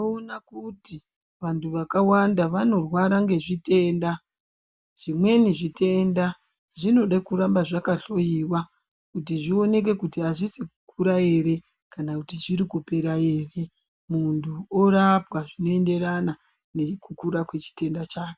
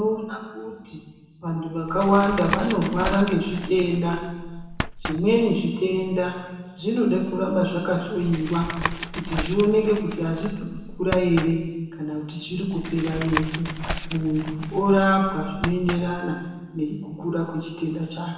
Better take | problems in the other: first | background sound (Tap); 8 dB below the speech // room echo; dies away in 1.2 s

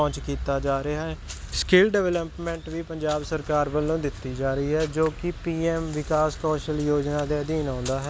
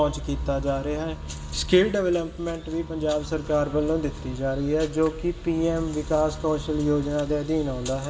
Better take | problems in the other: first | background sound (Bowed string instrument); 15 dB below the speech // room echo; dies away in 2.6 s

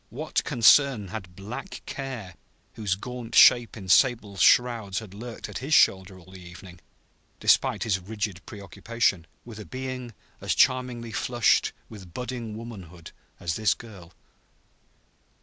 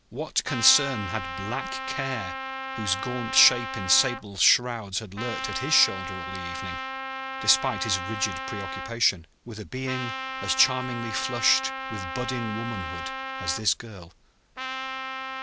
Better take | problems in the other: first | background sound (Trumpet); 6 dB below the speech

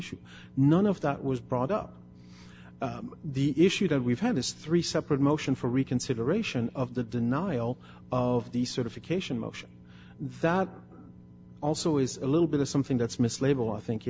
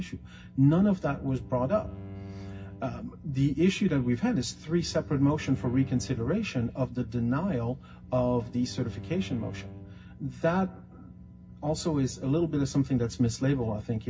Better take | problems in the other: first | background sound (Bowed string instrument); 16 dB below the speech // room echo; dies away in 0.4 s

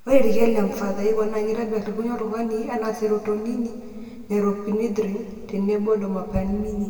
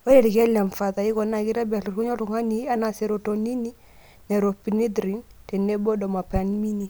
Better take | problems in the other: second | room echo; dies away in 2.2 s

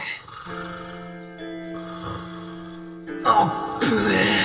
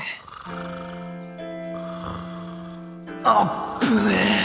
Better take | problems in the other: second | room echo; dies away in 0.1 s

